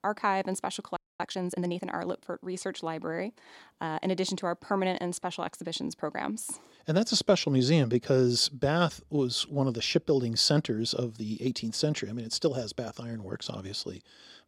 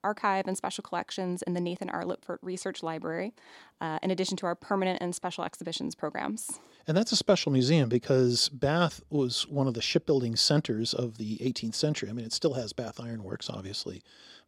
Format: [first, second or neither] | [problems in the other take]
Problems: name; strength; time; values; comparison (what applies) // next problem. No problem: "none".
second | audio freezing; at 1 s